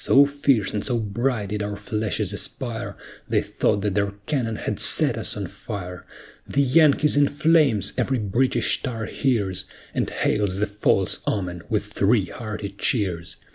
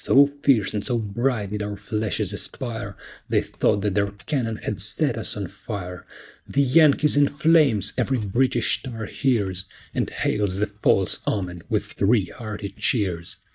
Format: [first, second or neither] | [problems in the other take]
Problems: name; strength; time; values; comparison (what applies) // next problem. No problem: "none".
first | noise reduction (neural mask model DeepFilterNet 3)